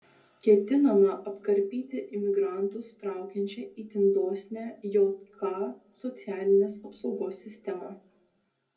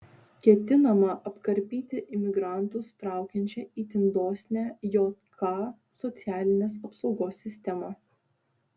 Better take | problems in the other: second | room echo; dies away in 0.2 s

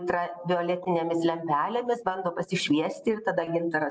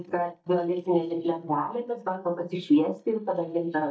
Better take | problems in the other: first | noise reduction (neural mask model DeepFilterNet 3)

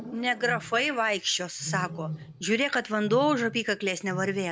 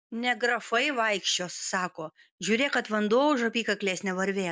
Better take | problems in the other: second | background sound (Wild animals); 13 dB below the speech

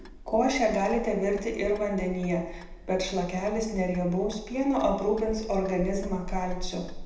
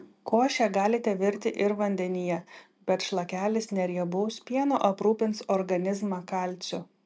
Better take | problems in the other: second | background sound (Clock); 11 dB below the speech // room echo; dies away in 0.8 s

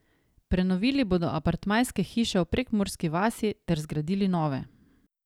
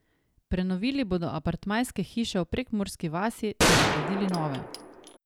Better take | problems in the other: first | background sound (Gunshot, gunfire); 3 dB above the speech

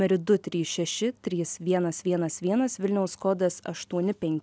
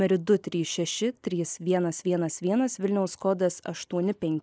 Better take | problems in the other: first | noise reduction (neural mask model Resemble Enhance denoiser)

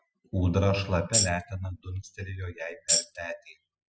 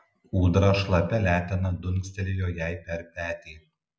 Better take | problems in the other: second | noise reduction (classical method spectral subtraction)

